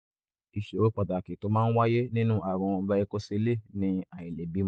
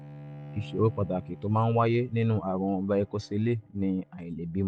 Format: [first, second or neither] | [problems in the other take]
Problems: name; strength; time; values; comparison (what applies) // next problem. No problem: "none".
first | background sound (Bowed string instrument); 18 dB below the speech